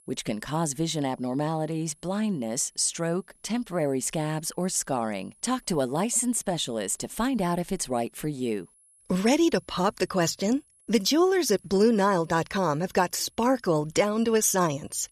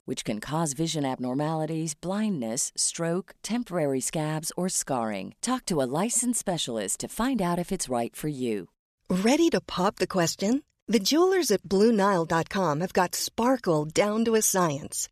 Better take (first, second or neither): second